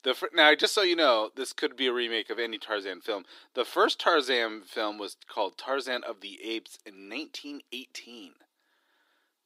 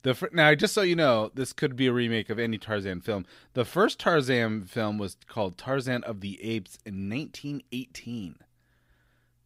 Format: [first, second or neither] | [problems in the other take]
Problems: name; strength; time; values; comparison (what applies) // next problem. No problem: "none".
second | thin; somewhat; fading below 300 Hz